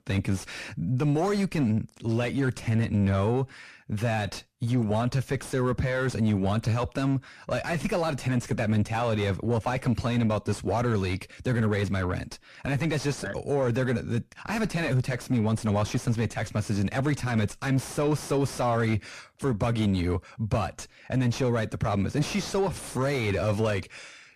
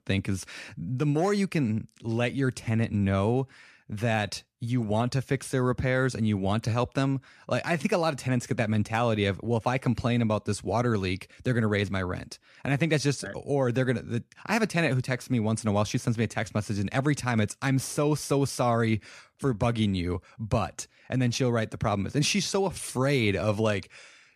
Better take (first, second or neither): second